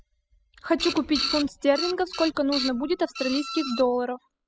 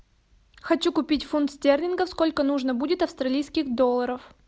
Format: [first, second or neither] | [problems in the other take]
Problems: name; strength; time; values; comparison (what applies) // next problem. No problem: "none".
second | noise reduction (classical method spectral subtraction)